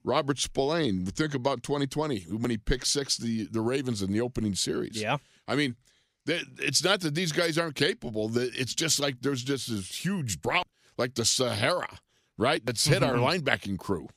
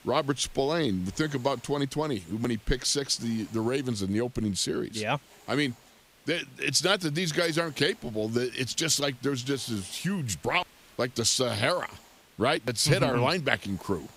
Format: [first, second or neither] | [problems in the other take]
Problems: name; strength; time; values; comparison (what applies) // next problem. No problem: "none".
first | hiss; faint; throughout; 25 dB below the speech